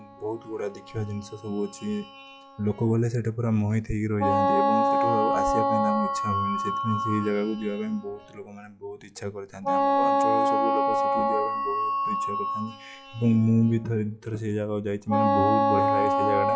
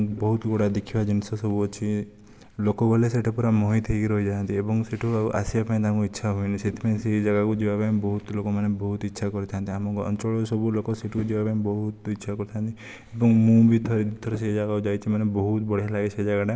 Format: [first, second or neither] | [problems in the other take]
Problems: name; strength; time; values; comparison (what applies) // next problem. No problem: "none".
second | noise reduction (classical method log-MMSE)